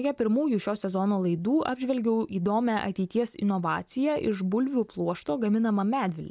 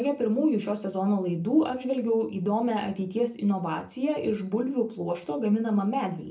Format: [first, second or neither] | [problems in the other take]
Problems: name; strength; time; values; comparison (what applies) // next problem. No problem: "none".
first | room echo; dies away in 0.3 s